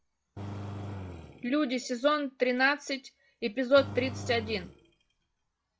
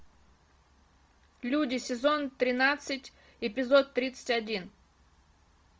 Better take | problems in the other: second | noise reduction (classical method log-MMSE)

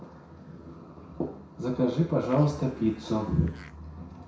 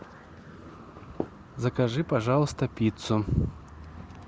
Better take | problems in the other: second | background sound (Domestic sounds, home sounds); 20 dB below the speech // room echo; dies away in 0.6 s

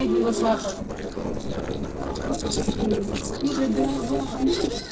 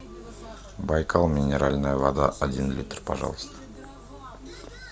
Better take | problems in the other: second | noise reduction (neural separator model SepFormer DNS4)

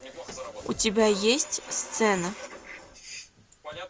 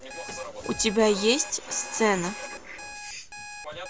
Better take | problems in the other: first | background sound (Alarm); 14 dB below the speech

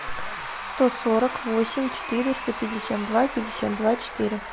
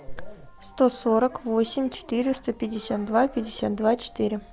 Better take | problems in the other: second | background sound (Applause / Crowd / Cheering); 9 dB below the speech

